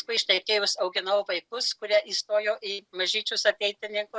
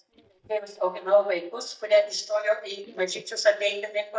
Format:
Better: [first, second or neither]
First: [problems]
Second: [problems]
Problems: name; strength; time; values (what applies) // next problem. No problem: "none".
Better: first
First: none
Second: noise reduction (neural mask model DeepFilterNet 3)